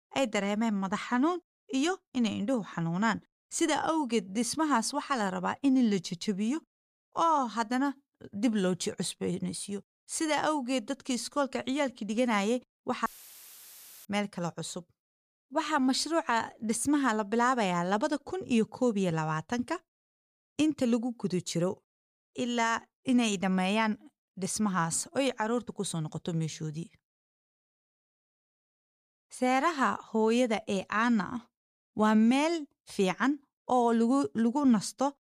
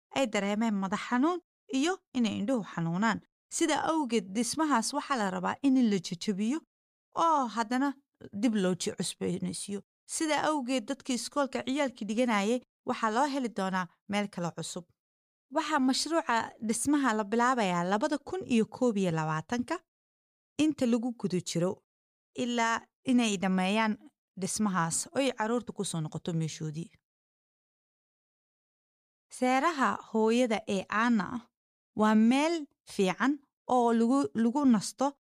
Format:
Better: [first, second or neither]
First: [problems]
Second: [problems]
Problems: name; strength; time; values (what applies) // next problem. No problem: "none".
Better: second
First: audio cutting out; filled with static; at 13 s for 1 s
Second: none